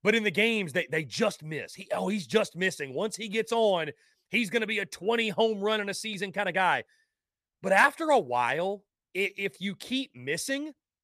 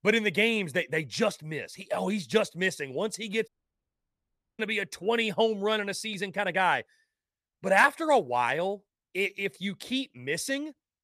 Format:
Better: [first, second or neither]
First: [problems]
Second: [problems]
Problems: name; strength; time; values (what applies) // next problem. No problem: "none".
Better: first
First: none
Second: audio cutting out; at 3.5 s for 1 s